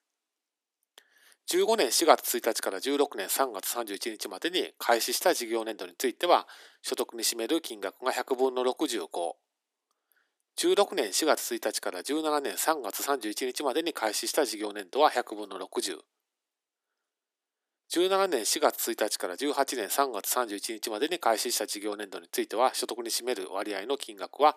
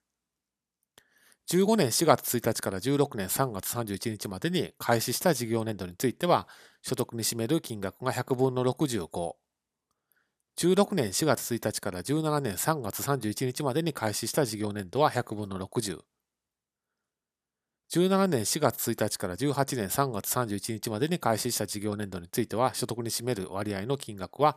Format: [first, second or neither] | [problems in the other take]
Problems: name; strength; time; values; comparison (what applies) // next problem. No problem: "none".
second | thin; somewhat; fading below 300 Hz